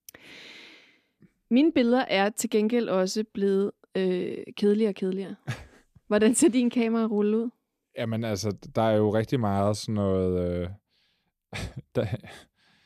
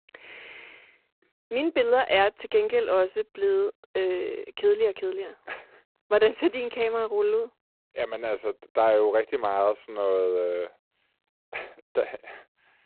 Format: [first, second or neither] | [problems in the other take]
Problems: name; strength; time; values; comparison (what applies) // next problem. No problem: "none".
first | phone-call audio; poor line; nothing above 4 kHz